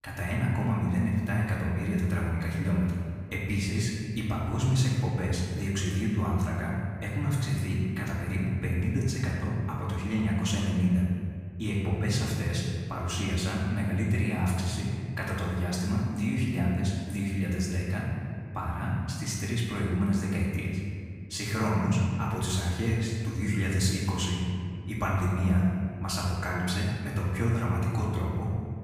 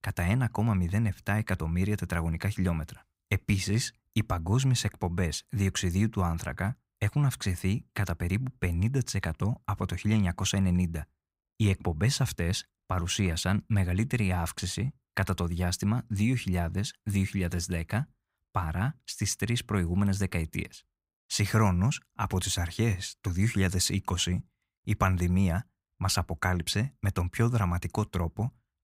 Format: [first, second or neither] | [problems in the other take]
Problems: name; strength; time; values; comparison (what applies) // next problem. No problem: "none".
second | off-mic speech; far // room echo; noticeable; dies away in 2 s